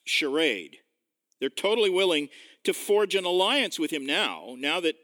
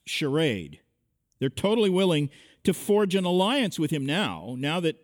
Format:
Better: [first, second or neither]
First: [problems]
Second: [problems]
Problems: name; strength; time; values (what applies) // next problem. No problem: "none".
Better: second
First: thin; somewhat; fading below 300 Hz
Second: none